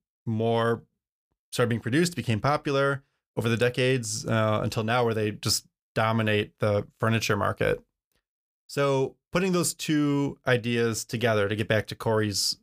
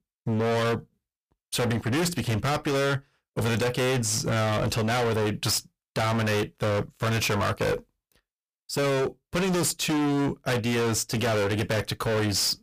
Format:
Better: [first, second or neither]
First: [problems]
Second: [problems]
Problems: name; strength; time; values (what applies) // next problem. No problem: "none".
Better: first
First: none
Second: distortion; heavy; 34% of the sound clipped